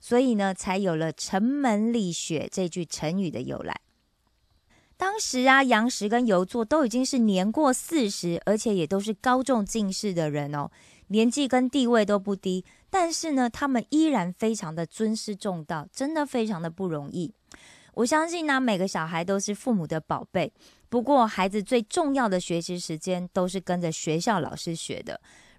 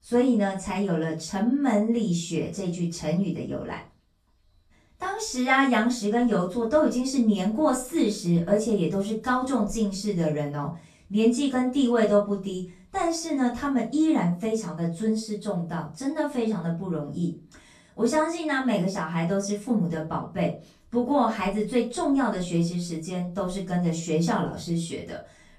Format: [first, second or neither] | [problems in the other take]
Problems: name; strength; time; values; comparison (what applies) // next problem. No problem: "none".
first | off-mic speech; far // room echo; slight; dies away in 0.3 s